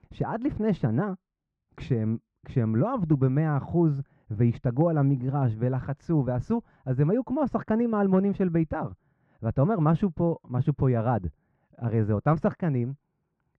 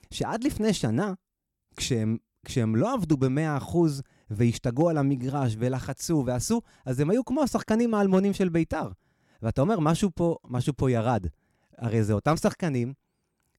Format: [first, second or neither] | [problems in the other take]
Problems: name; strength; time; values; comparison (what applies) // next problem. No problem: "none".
second | muffled; very; fading above 1.5 kHz